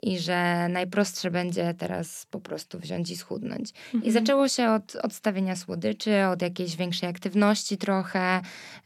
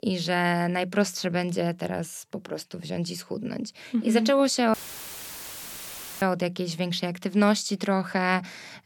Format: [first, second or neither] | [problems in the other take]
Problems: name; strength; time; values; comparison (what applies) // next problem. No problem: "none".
first | audio cutting out; filled with static; at 4.5 s for 1.5 s